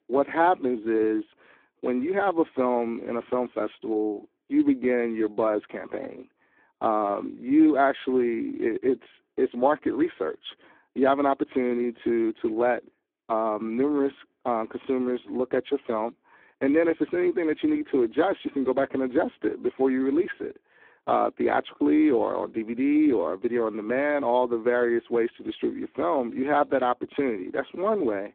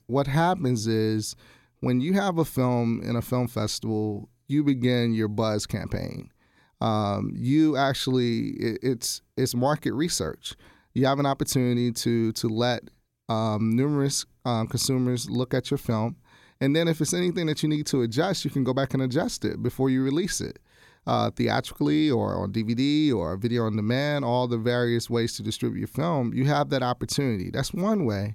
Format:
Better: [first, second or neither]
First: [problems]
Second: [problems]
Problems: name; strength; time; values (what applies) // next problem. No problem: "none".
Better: second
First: phone-call audio; poor line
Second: none